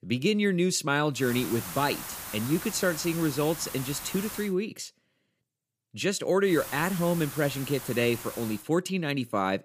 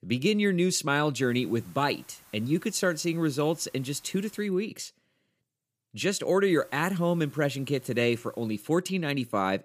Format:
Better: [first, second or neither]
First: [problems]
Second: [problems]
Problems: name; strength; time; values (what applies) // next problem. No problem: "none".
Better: second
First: hiss; loud; from 1 to 4.5 s and from 6.5 to 8.5 s; 10 dB below the speech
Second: hiss; faint; from 1 to 4.5 s and from 6.5 to 8.5 s; 25 dB below the speech